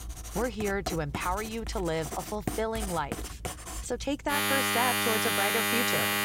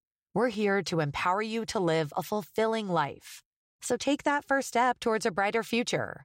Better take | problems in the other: second | household noises; very loud; throughout; 2 dB above the speech

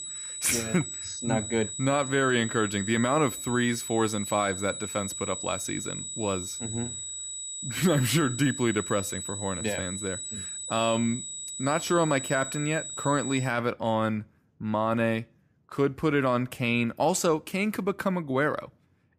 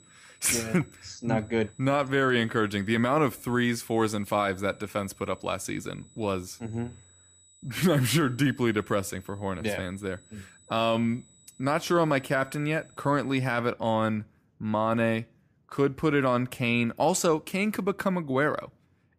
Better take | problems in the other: second | high-pitched whine; loud; until 13 s; 8 kHz, 6 dB below the speech; faint in the second

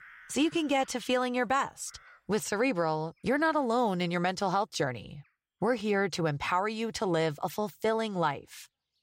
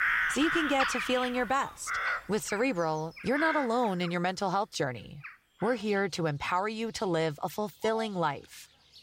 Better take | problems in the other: first | animal sounds; loud; throughout; 3 dB below the speech; faint in the first

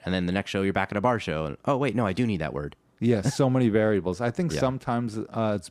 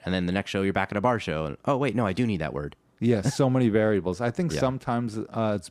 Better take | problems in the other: neither | none

